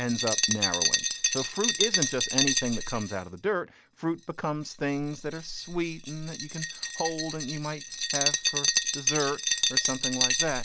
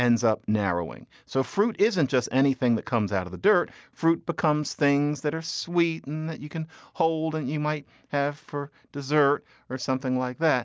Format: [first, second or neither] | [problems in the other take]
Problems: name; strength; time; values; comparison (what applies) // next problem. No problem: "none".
second | background sound (Glass); 2 dB above the speech